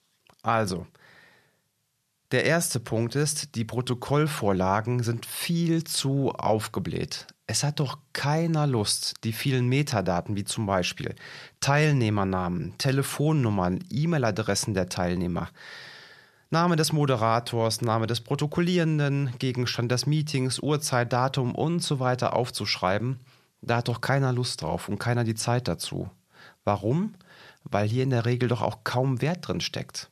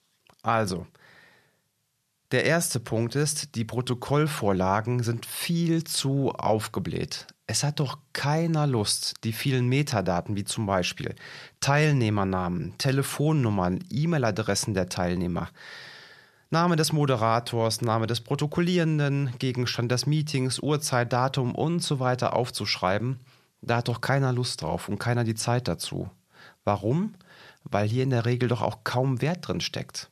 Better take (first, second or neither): neither